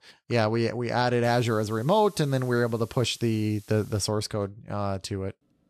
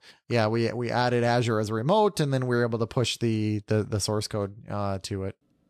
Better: second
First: hiss; faint; from 1 to 4 s; 25 dB below the speech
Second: none

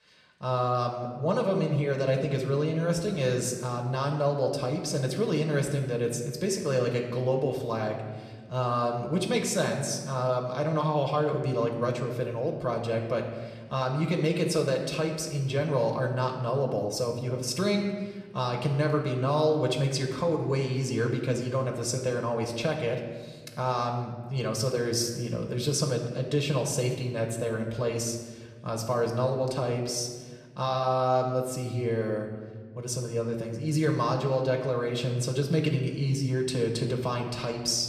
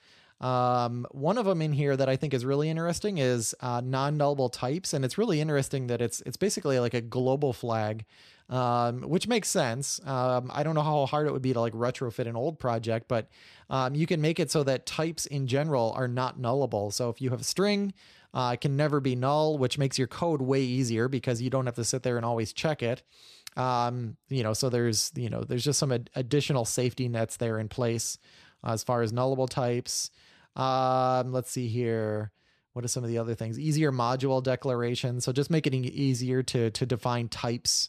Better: second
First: room echo; slight; dies away in 1.2 s // off-mic speech; somewhat distant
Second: none

